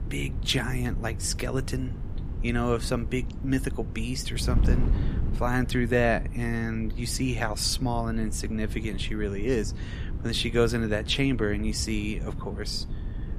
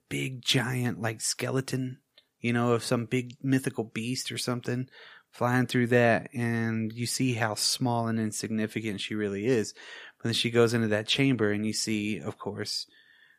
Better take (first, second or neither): second